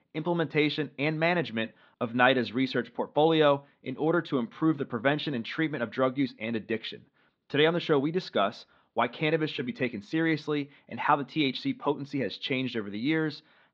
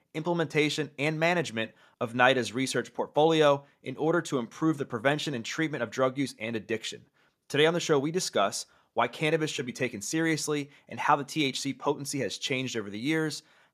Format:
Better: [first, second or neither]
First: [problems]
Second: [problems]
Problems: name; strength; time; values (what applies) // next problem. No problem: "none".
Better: second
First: muffled; slightly; fading above 4 kHz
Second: none